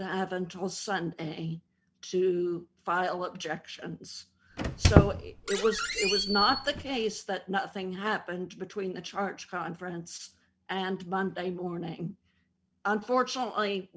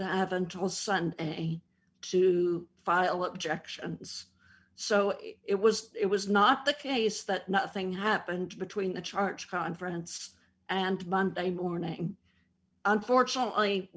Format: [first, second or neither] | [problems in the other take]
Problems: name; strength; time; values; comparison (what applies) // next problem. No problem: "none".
second | background sound (Squeak); 4 dB above the speech